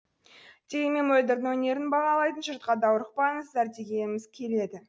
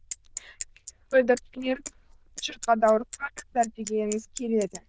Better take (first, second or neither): first